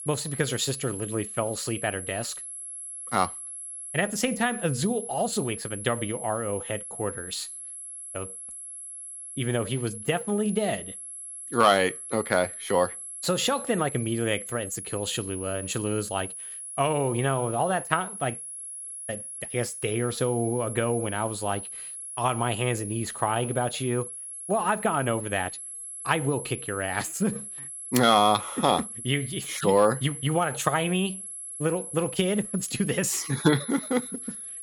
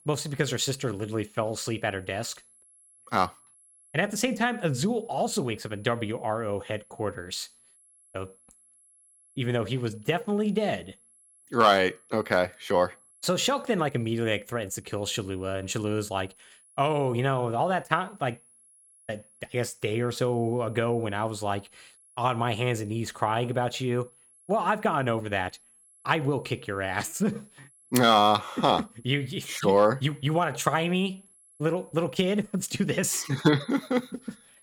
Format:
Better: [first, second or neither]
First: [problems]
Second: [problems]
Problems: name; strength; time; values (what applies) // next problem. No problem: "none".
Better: second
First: high-pitched whine; loud; throughout; 11 kHz, 8 dB below the speech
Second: high-pitched whine; faint; throughout; 11 kHz, 30 dB below the speech